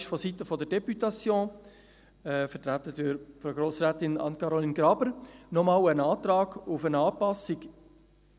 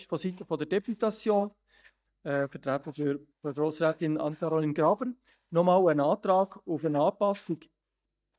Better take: first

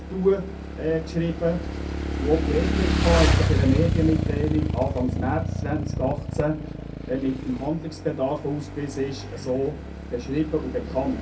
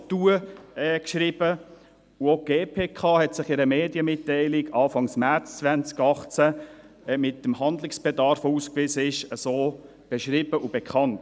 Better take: second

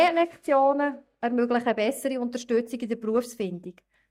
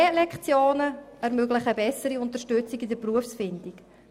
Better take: second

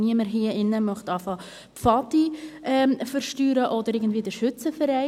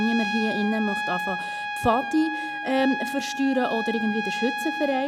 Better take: first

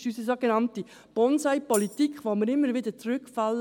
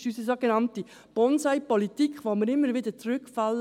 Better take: second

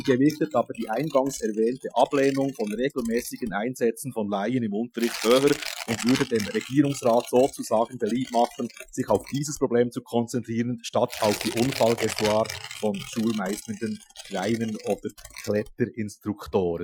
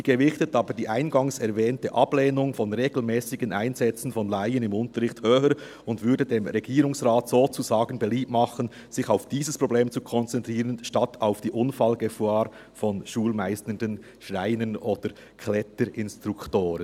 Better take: second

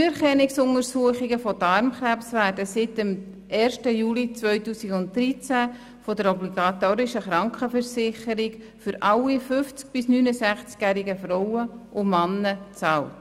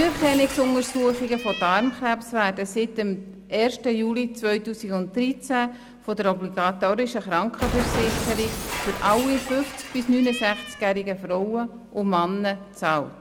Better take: first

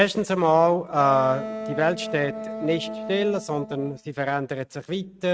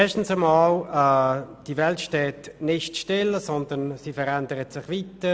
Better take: second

